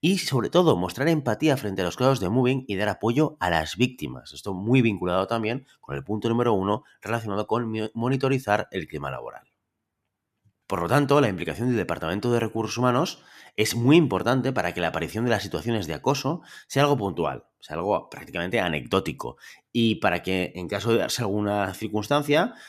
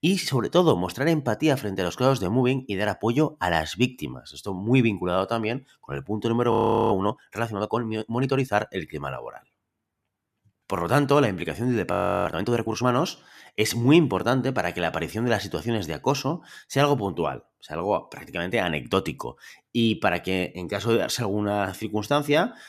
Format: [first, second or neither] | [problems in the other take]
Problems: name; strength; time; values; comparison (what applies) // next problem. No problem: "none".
first | audio freezing; at 6.5 s and at 12 s